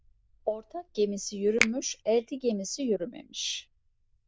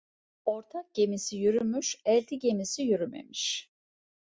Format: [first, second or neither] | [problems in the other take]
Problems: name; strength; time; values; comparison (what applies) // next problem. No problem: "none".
second | noise reduction (neural diffusion model UNIVERSE++)